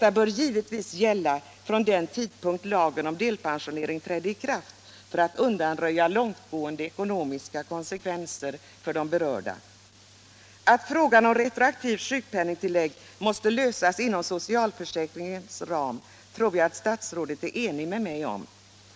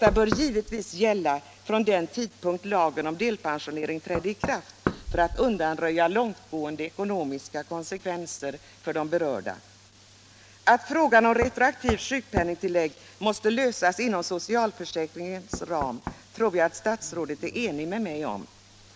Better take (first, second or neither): first